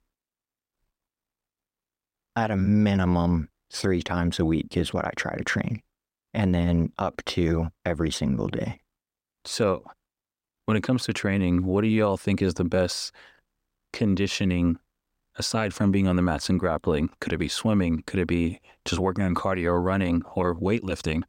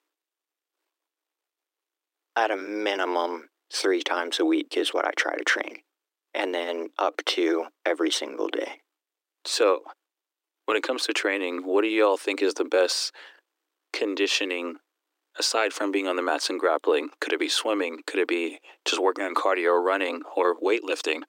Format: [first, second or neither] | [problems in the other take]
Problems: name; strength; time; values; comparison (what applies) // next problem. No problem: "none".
first | thin; very; fading below 300 Hz